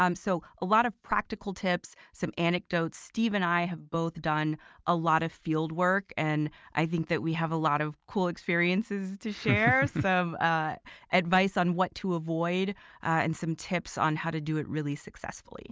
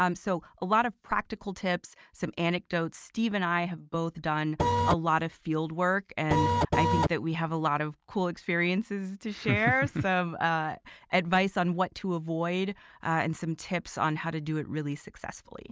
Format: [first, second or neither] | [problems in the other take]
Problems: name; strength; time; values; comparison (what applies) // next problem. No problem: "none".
first | background sound (Printer); 5 dB above the speech